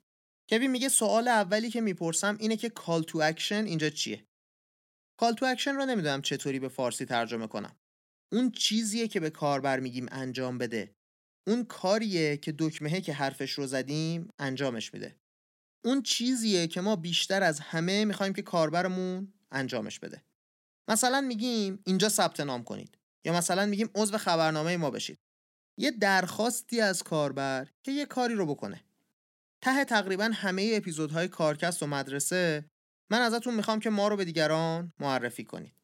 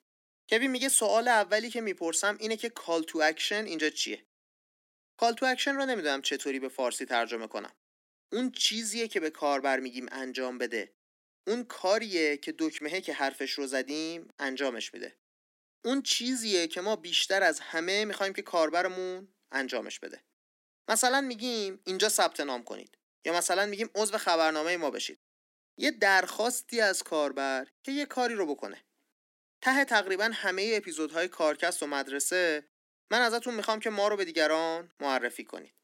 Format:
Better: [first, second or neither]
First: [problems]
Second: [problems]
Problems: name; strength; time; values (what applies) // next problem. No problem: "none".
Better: first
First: none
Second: thin; somewhat; fading below 250 Hz